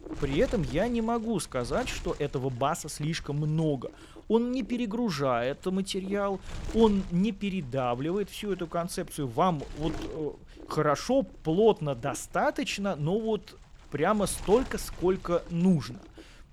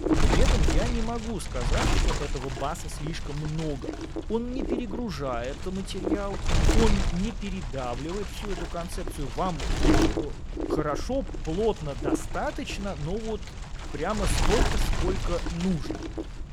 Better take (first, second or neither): first